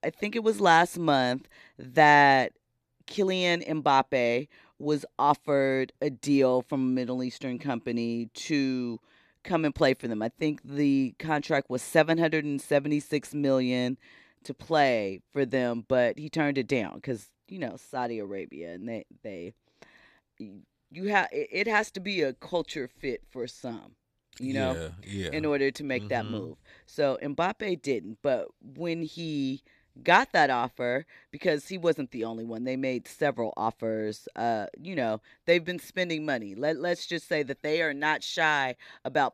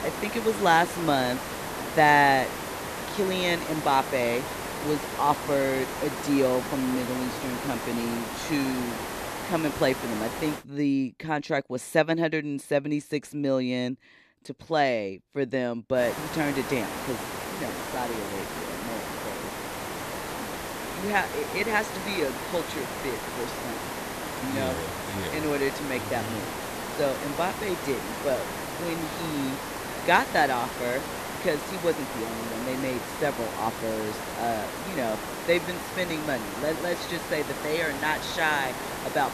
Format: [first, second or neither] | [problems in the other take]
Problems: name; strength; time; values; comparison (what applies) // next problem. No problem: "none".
first | hiss; loud; until 11 s and from 16 s on; 5 dB below the speech